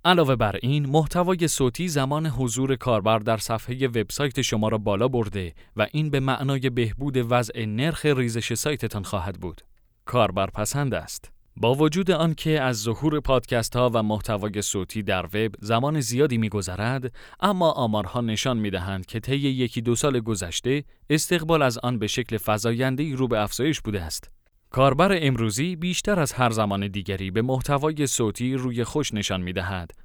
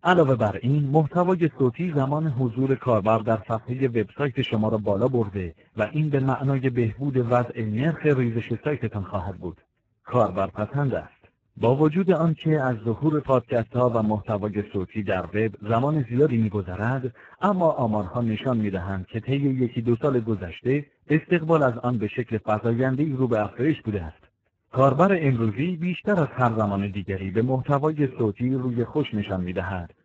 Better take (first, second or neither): first